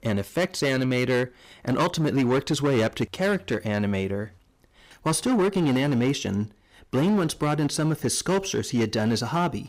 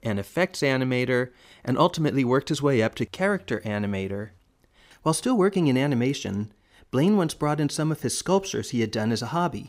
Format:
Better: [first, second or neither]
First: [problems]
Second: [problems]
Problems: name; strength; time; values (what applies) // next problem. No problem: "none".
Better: second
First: distortion; slight; 11% of the sound clipped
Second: none